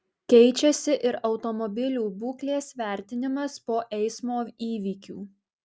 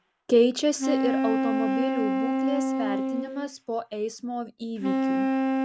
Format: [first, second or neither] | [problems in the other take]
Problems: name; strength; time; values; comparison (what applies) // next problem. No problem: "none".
first | background sound (Wind instrument, woodwind instrument); 1 dB above the speech